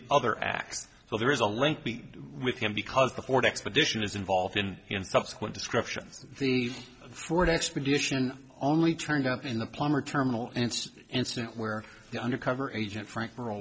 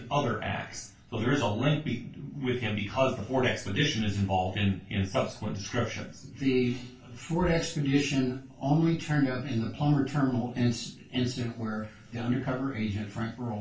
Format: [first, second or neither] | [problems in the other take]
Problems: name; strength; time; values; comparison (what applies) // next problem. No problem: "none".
first | room echo; dies away in 0.2 s